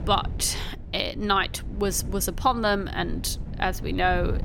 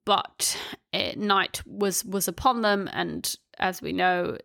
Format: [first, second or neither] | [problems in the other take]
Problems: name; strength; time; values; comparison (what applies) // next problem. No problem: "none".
second | wind noise on the microphone; occasional gusts; 20 dB below the speech